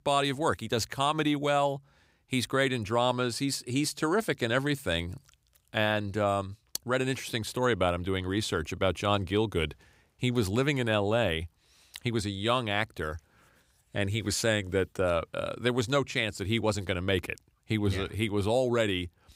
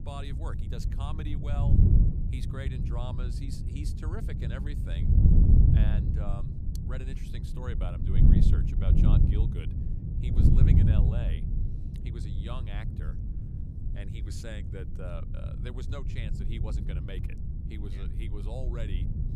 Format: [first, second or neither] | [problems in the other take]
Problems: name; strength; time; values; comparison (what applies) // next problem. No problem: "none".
first | wind noise on the microphone; heavy; 3 dB above the speech